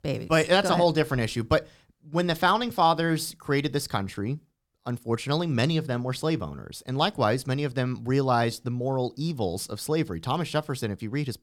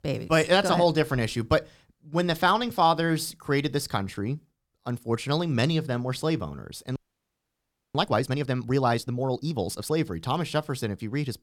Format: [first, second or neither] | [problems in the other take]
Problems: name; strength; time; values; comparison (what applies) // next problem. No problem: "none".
first | audio freezing; at 7 s for 1 s